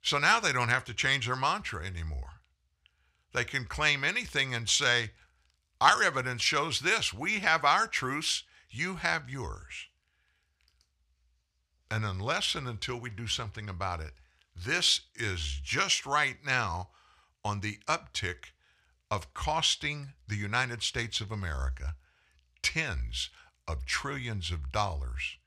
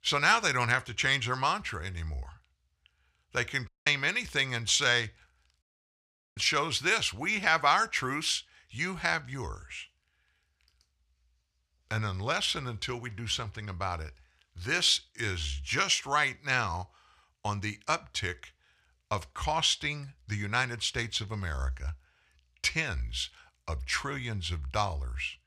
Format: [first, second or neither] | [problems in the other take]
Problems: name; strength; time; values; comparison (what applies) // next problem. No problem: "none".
first | audio cutting out; at 3.5 s and at 5.5 s for 1 s